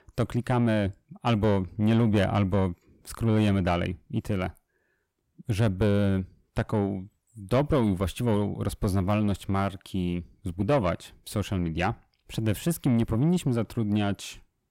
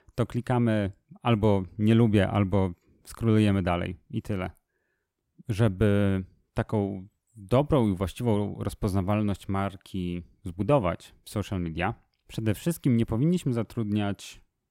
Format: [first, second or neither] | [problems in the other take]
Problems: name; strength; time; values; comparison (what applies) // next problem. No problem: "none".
second | distortion; slight; 10 dB below the speech